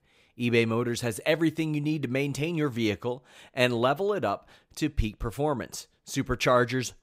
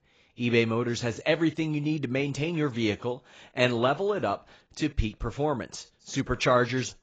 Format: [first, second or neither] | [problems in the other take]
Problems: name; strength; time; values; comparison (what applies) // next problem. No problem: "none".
first | garbled, watery; badly; nothing above 7.5 kHz